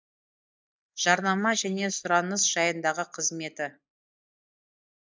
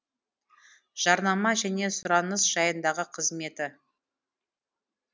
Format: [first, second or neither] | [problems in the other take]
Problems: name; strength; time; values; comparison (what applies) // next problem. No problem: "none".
second | noise reduction (neural mask model Resemble Enhance denoiser)